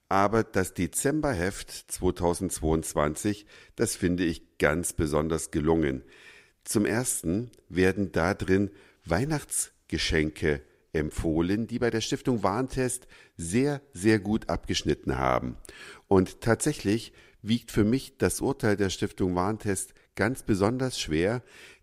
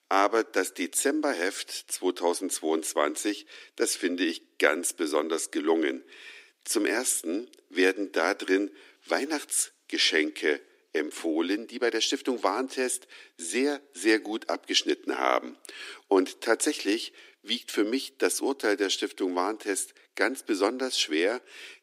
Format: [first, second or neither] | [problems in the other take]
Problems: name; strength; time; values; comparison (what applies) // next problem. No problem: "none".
first | thin; very slightly; fading below 250 Hz